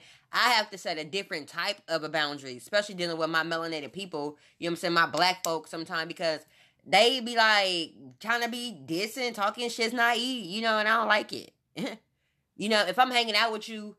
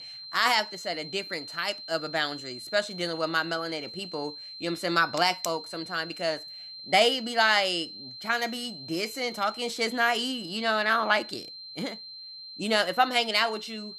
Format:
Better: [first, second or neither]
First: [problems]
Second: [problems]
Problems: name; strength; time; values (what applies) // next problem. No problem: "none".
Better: first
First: none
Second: high-pitched whine; noticeable; throughout; 4 kHz, 10 dB below the speech